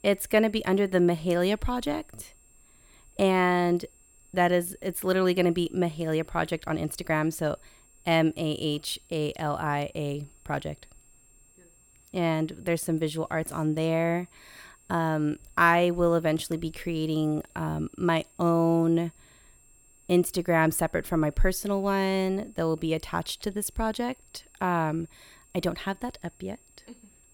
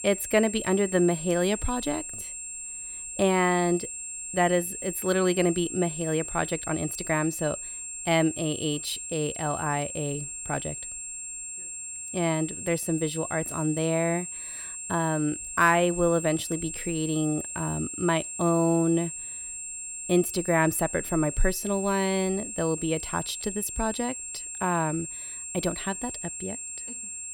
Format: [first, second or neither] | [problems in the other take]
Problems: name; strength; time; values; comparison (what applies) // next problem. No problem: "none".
first | high-pitched whine; loud; throughout; 7.5 kHz, 7 dB below the speech; faint in the first